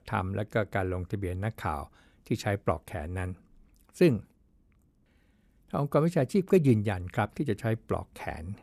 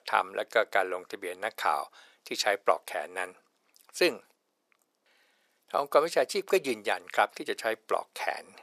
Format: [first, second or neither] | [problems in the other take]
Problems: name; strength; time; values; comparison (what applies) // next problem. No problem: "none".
first | thin; very; fading below 550 Hz